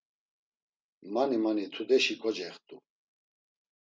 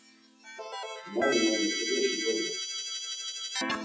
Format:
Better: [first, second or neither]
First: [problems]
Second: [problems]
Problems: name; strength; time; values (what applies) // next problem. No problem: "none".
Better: first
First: none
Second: noise reduction (classical method WPE with log-MMSE)